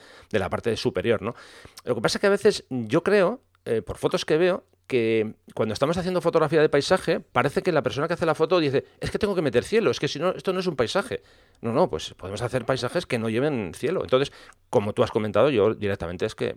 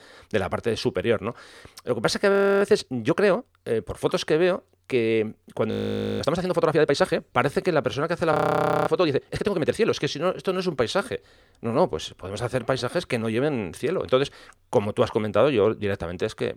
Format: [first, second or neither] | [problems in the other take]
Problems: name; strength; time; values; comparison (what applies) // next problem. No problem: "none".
first | audio freezing; at 2.5 s, at 5.5 s and at 8.5 s for 0.5 s